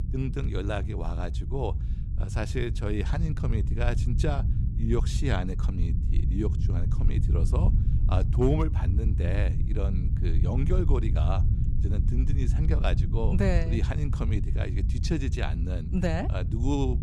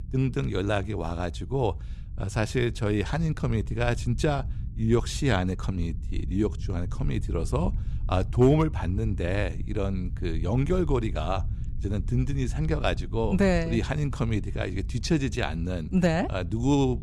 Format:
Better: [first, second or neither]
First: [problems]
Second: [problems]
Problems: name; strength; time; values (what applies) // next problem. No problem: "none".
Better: second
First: low rumble; loud; throughout; 8 dB below the speech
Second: low rumble; faint; throughout; 20 dB below the speech